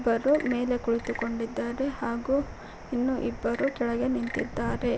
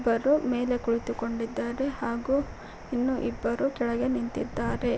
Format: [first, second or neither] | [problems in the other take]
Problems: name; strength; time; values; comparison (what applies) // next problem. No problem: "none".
second | background sound (Wood / Percussion / Frog); 17 dB below the speech